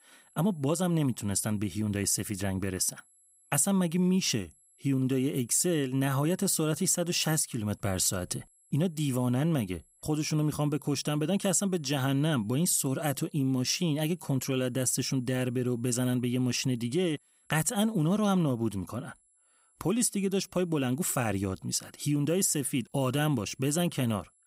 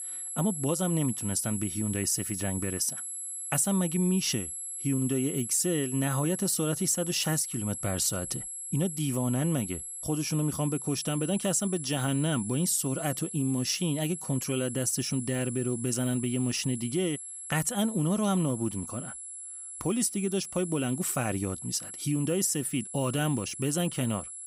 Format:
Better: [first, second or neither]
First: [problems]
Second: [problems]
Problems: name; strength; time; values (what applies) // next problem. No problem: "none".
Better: first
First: high-pitched whine; faint; throughout; 11 kHz, 35 dB below the speech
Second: high-pitched whine; loud; throughout; 11 kHz, 7 dB below the speech